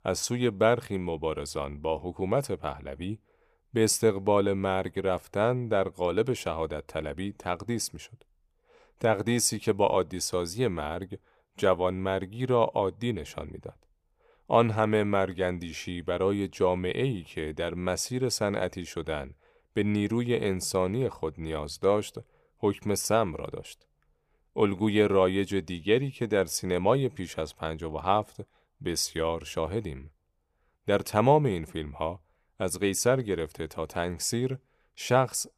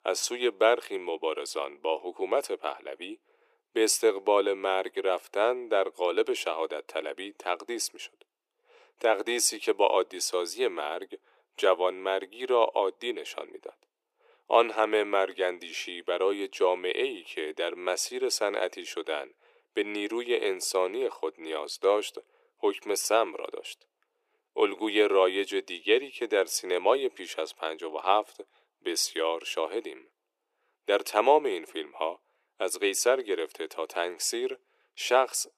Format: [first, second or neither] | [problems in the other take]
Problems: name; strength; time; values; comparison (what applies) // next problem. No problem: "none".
first | thin; very; fading below 350 Hz